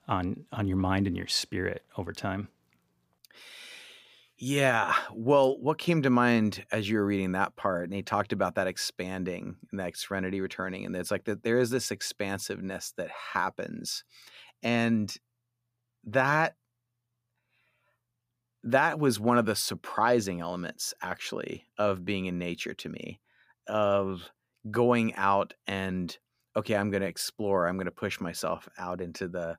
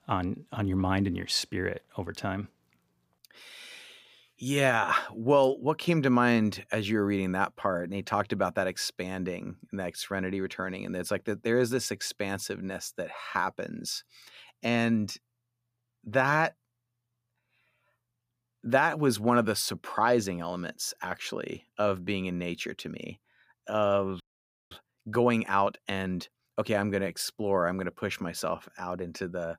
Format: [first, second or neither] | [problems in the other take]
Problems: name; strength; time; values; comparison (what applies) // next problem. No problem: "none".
first | audio freezing; at 24 s for 0.5 s